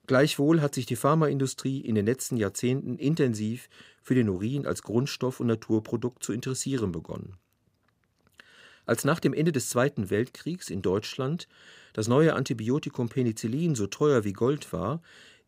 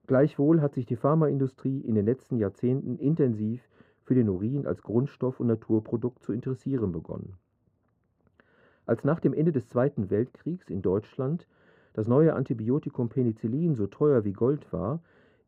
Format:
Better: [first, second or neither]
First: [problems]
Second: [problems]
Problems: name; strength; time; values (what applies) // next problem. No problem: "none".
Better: first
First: none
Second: muffled; very; fading above 2.5 kHz